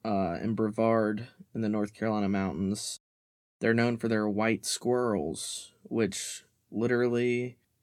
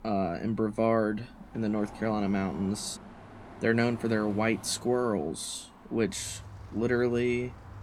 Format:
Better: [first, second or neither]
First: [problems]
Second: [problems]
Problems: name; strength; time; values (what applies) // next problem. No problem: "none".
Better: first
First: none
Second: traffic noise; noticeable; throughout; 15 dB below the speech